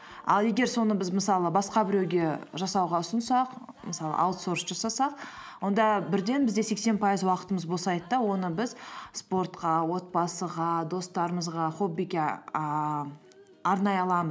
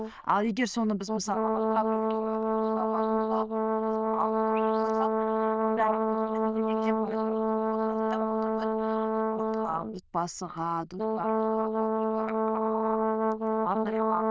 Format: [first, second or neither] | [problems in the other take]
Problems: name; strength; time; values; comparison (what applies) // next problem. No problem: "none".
first | noise reduction (neural diffusion model UNIVERSE++)